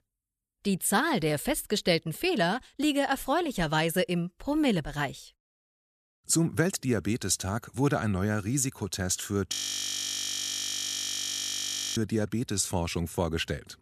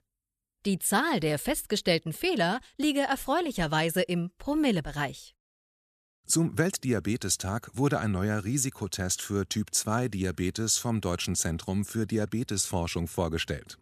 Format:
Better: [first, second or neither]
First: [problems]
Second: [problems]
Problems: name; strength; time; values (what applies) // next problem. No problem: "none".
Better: second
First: audio freezing; at 9.5 s for 2.5 s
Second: none